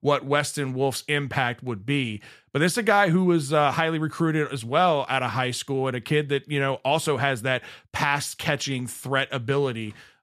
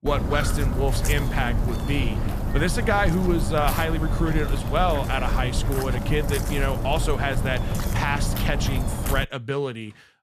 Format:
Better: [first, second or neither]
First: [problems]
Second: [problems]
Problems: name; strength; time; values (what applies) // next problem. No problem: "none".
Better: first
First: none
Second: footsteps; loud; until 9.5 s; peak 2 dB above the speech